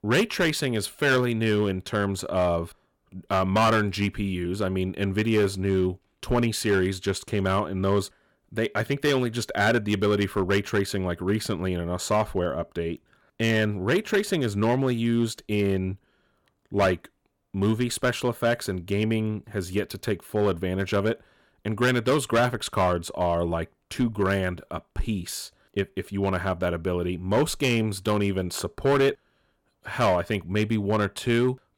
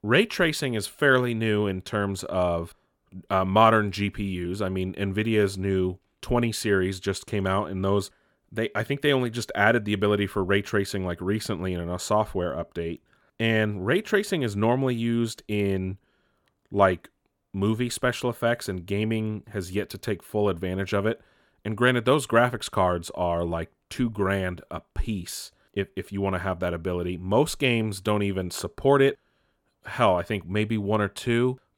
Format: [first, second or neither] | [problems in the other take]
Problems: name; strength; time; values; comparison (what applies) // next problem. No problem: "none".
second | distortion; slight; 4% of the sound clipped